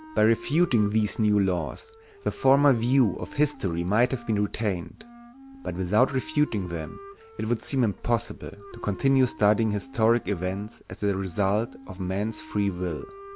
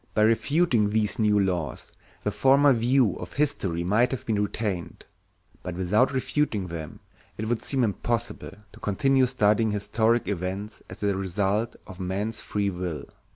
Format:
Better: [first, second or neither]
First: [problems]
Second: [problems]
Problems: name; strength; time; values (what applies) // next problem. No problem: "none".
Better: second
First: background sound (Wind instrument, woodwind instrument); 19 dB below the speech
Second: none